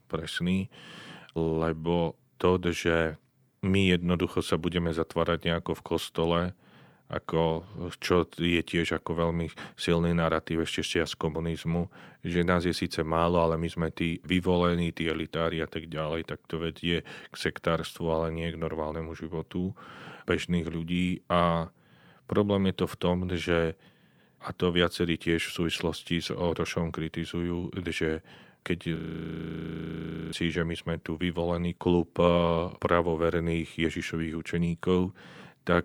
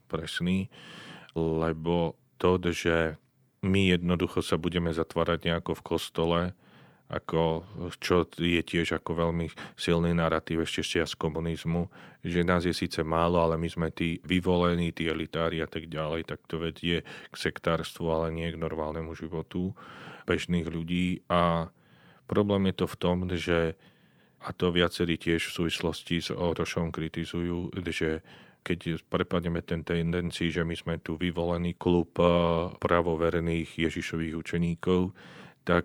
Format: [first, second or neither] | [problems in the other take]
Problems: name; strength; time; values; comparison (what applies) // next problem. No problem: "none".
second | audio freezing; at 29 s for 1.5 s